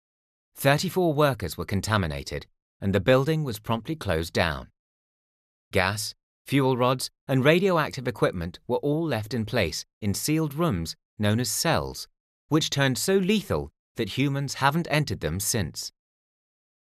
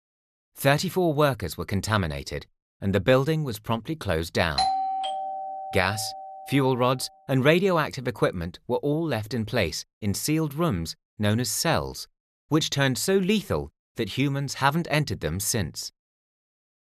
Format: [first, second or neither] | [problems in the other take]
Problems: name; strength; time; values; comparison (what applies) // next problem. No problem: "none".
first | doorbell; loud; from 4.5 to 6.5 s; peak 1 dB above the speech